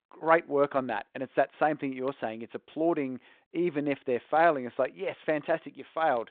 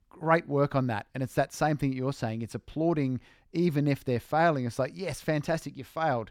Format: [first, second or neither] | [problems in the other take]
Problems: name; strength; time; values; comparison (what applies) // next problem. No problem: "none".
second | phone-call audio; nothing above 4 kHz